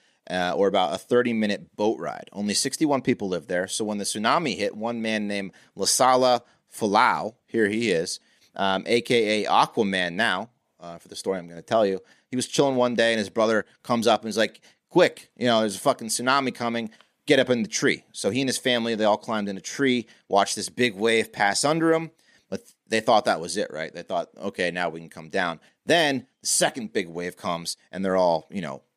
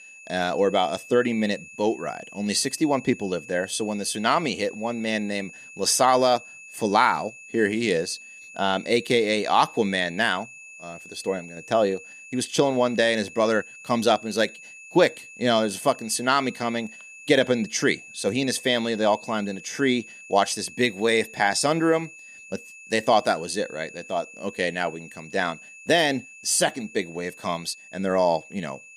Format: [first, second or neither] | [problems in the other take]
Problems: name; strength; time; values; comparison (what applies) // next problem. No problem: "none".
first | high-pitched whine; noticeable; throughout; 2.5 kHz, 20 dB below the speech